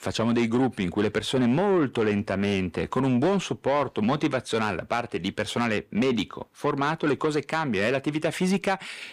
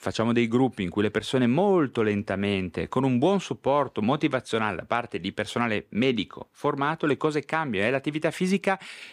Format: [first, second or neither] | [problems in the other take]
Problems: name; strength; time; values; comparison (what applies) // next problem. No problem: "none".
second | distortion; slight; 10 dB below the speech